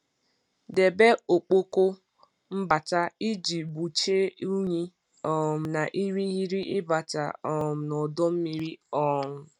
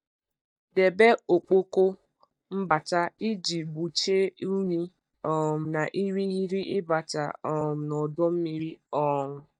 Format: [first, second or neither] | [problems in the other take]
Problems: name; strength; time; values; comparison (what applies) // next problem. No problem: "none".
first | noise reduction (neural mask model DeepFilterNet 3)